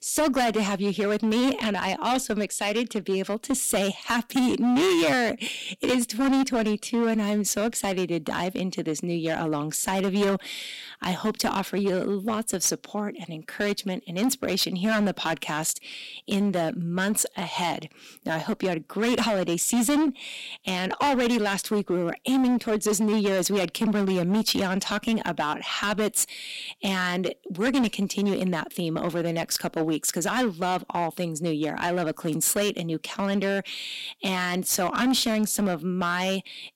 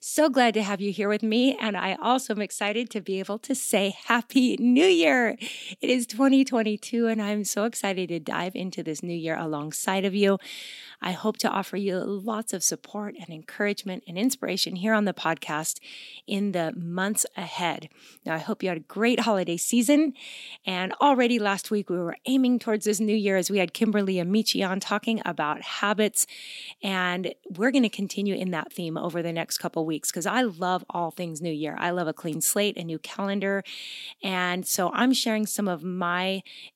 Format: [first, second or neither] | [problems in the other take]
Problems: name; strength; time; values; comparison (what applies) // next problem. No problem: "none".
second | distortion; heavy; 12% of the sound clipped